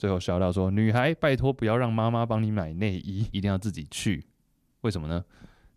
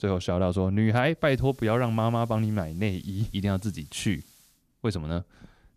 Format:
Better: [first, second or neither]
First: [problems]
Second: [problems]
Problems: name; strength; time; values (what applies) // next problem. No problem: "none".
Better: first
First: none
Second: hiss; faint; from 1 to 4.5 s; 25 dB below the speech